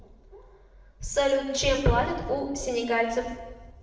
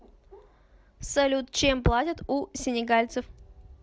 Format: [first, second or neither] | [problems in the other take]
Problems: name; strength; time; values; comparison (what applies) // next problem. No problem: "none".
second | room echo; dies away in 1 s